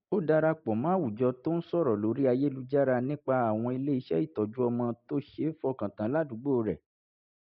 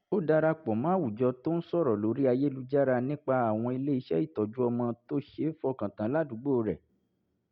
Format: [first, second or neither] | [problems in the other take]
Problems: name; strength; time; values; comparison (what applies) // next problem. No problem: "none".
second | noise reduction (neural mask model Resemble Enhance denoiser)